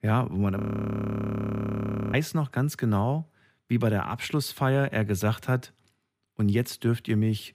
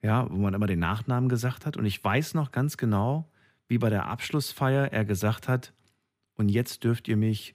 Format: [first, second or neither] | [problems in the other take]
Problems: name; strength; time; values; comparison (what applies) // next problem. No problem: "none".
second | audio freezing; at 0.5 s for 1.5 s